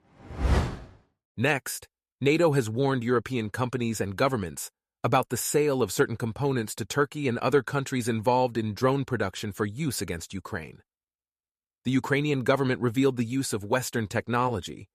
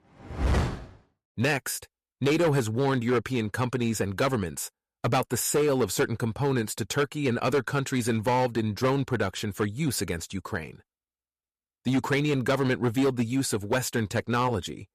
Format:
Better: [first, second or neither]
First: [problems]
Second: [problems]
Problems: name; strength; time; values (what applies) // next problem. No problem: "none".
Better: first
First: none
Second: distortion; slight; 7% of the sound clipped